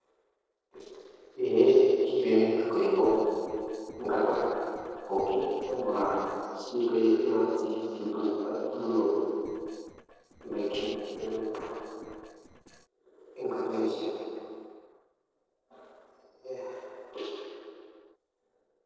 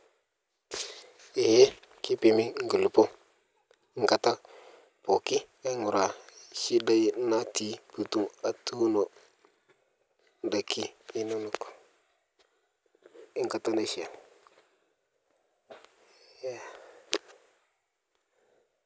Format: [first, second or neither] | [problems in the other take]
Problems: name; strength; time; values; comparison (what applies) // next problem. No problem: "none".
second | noise reduction (neural separator model SepFormer DNS4)